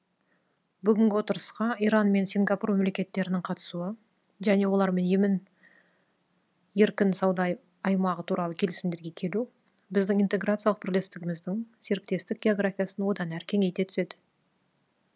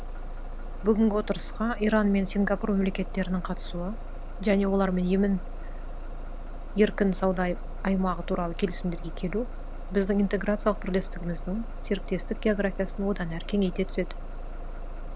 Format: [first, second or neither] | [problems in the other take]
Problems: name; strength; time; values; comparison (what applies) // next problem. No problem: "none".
first | background sound (Bus); 6 dB below the speech